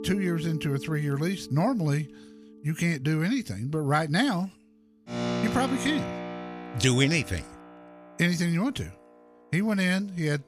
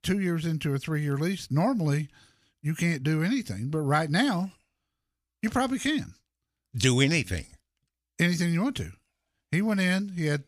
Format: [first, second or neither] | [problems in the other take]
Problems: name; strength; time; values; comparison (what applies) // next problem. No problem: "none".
second | background music; loud; throughout; 10 dB below the speech